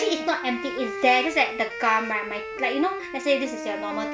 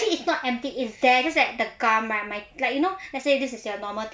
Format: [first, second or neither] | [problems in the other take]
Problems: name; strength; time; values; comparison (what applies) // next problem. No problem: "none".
second | background sound (Wind instrument, woodwind instrument); 8 dB below the speech